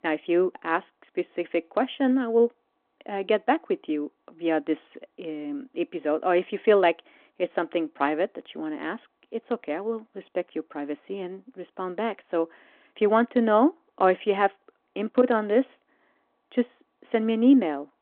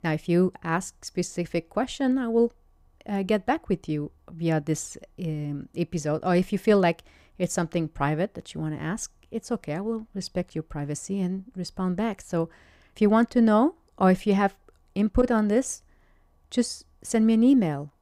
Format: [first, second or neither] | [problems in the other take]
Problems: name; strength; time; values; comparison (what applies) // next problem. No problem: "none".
second | phone-call audio